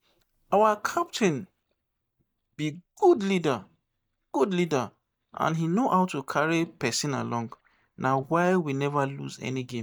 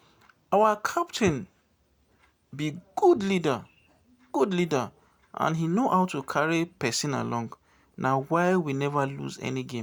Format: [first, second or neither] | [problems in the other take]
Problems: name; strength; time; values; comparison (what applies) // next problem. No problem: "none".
second | noise reduction (neural mask model DeepFilterNet 3)